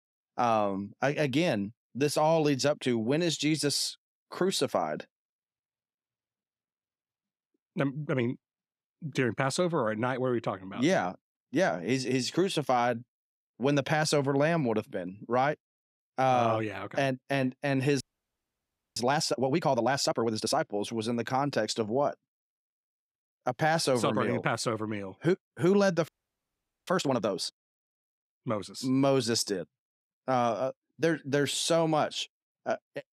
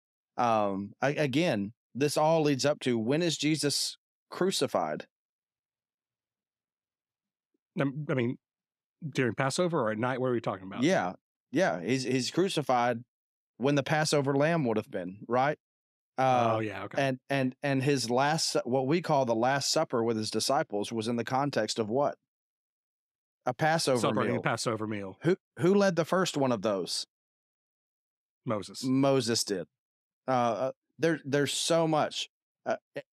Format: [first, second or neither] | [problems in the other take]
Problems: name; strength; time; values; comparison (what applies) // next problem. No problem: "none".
second | audio freezing; at 18 s for 1 s and at 26 s for 1 s